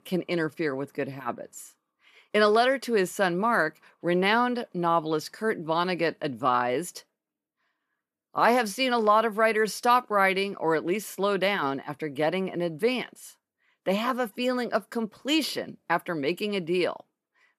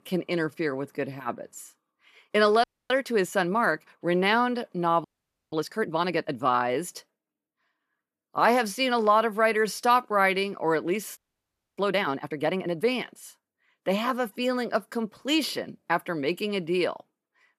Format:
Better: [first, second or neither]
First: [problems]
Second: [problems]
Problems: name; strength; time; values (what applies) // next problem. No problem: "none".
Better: first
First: none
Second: audio freezing; at 2.5 s, at 5 s and at 11 s for 0.5 s